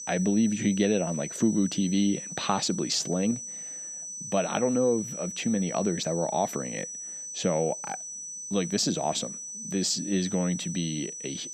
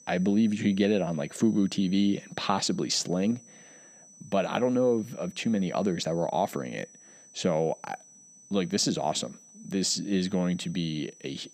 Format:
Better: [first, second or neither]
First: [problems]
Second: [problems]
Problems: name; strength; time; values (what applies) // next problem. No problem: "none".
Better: second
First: high-pitched whine; loud; throughout; 6 kHz, 8 dB below the speech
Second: high-pitched whine; faint; throughout; 6 kHz, 25 dB below the speech